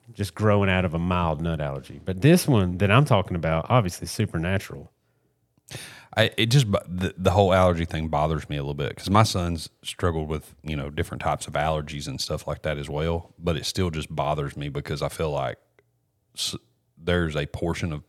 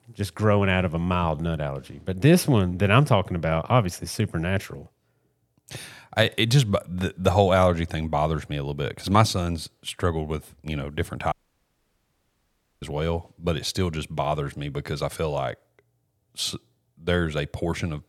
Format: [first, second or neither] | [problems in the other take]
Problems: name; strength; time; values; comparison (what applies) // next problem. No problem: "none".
first | audio cutting out; at 11 s for 1.5 s